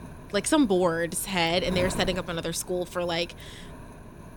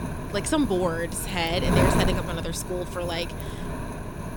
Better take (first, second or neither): first